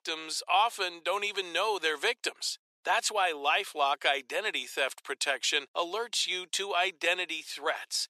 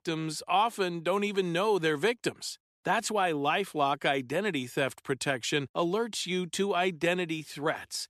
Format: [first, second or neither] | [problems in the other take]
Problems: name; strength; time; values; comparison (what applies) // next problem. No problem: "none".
second | thin; very; fading below 500 Hz